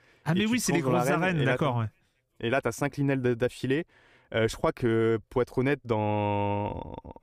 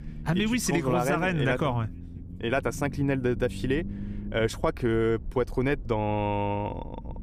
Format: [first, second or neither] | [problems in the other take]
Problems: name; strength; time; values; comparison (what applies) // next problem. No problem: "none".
first | low rumble; faint; throughout; 20 dB below the speech